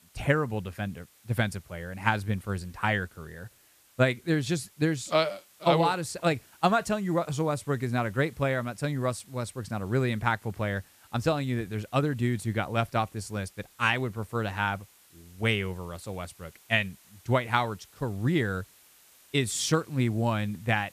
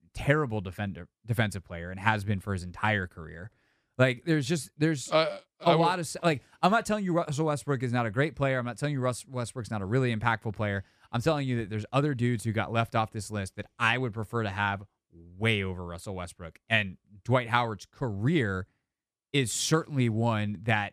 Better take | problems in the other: second | hiss; faint; throughout; 25 dB below the speech

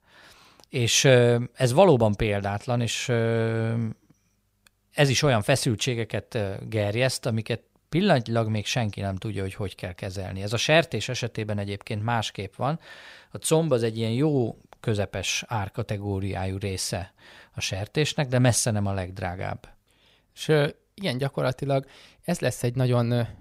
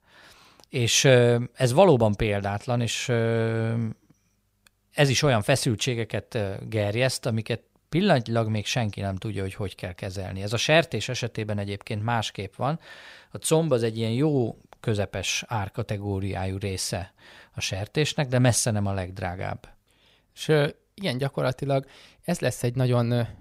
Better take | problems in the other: neither | none

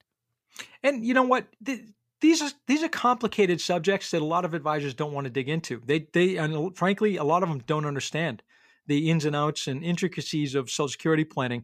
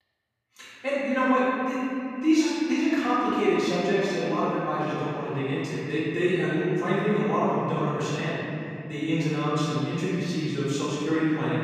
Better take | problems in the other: first | room echo; strong; dies away in 3 s // off-mic speech; far

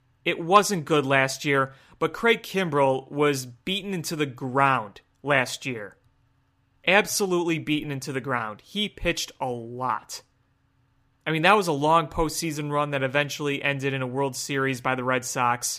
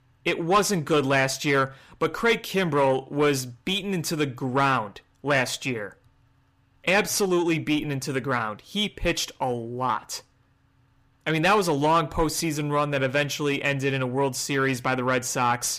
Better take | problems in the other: first | distortion; slight; 10 dB below the speech

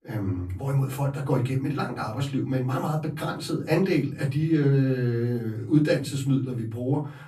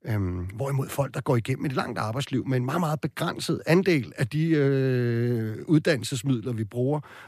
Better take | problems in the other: second | off-mic speech; far // room echo; very slight; dies away in 0.3 s

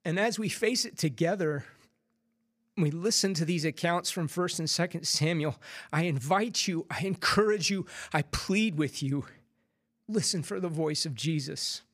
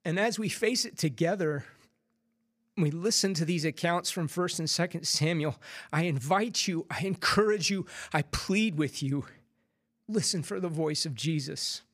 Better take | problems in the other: neither | none

